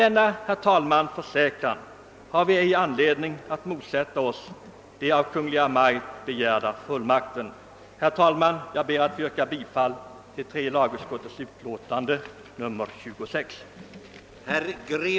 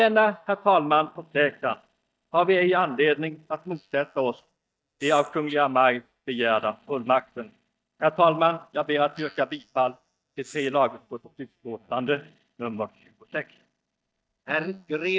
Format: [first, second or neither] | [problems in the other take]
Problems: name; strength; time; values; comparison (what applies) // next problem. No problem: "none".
first | noise reduction (neural mask model DeepFilterNet 3)